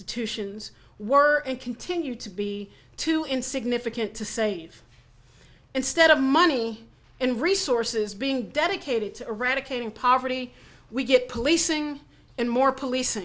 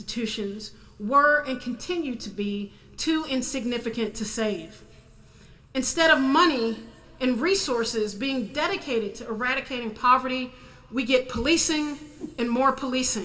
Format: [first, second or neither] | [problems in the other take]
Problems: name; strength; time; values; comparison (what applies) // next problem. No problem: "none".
first | background sound (Whoosh, swoosh, swish); 19 dB below the speech // room echo; dies away in 1.8 s